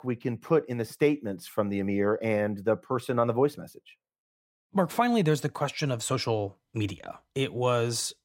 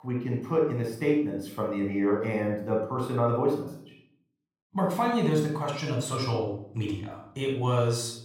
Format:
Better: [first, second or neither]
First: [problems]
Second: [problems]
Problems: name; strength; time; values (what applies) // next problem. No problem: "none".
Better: first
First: none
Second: off-mic speech; somewhat distant // room echo; noticeable; dies away in 0.5 s